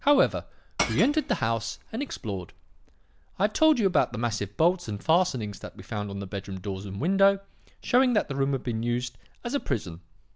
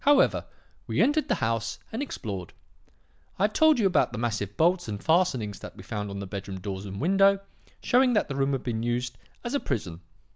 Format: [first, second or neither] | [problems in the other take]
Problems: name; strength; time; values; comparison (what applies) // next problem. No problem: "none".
second | background sound (Shatter / Crushing); 12 dB below the speech